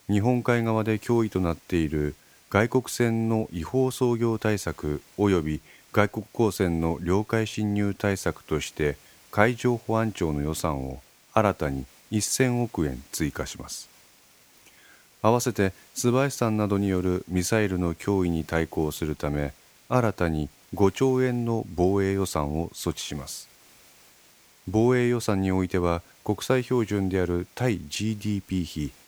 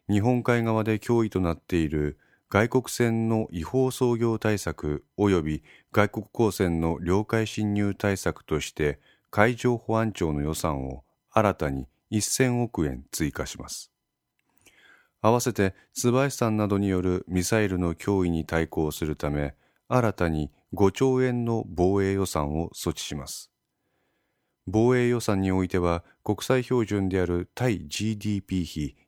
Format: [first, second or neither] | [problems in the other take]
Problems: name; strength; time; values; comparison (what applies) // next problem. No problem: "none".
second | hiss; faint; throughout; 25 dB below the speech